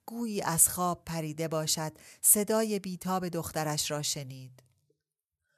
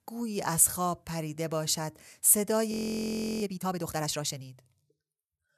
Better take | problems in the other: first | audio freezing; at 2.5 s for 0.5 s

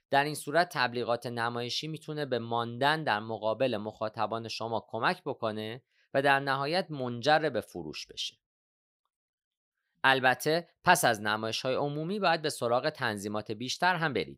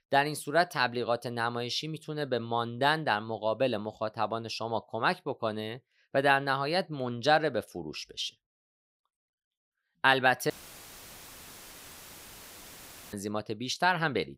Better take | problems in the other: first | audio cutting out; filled with static; at 11 s for 2.5 s

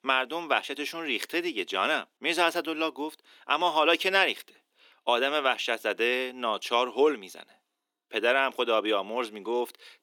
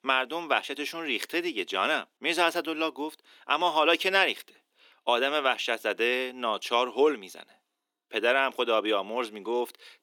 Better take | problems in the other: neither | thin; somewhat; fading below 300 Hz; the same in both

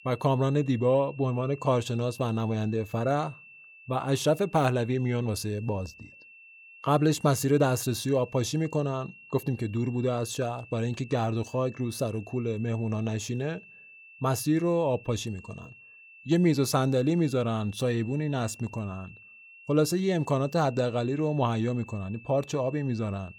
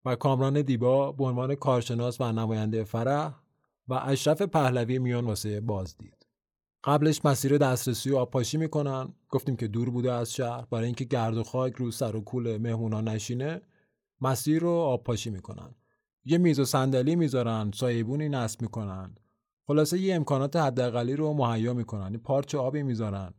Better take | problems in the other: second | high-pitched whine; faint; throughout; 2.5 kHz, 20 dB below the speech

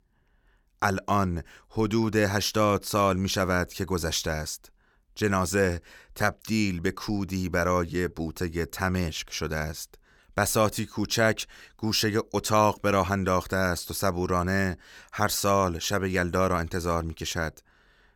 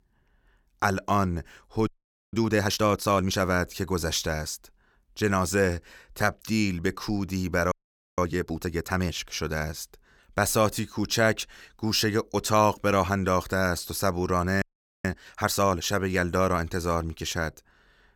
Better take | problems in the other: first | audio freezing; at 2 s, at 7.5 s and at 15 s

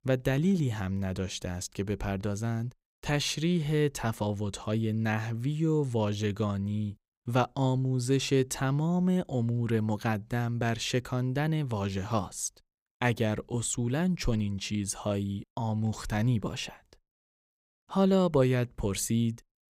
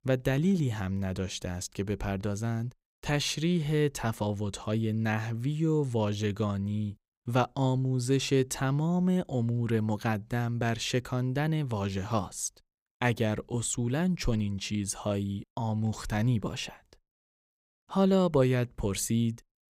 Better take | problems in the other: neither | none

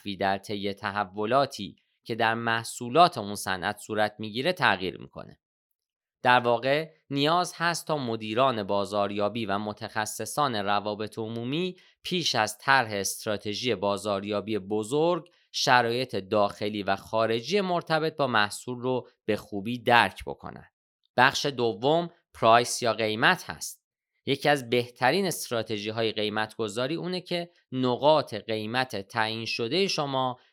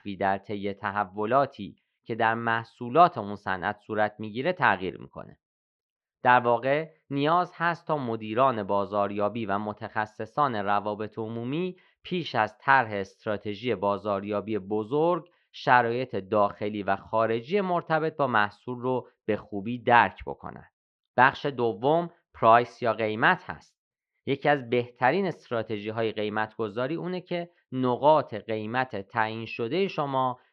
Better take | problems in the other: first | muffled; very; fading above 2.5 kHz

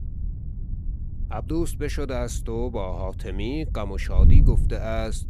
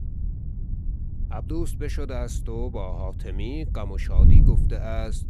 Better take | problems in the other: first | wind noise on the microphone; heavy; 5 dB below the speech; occasional gusts in the first

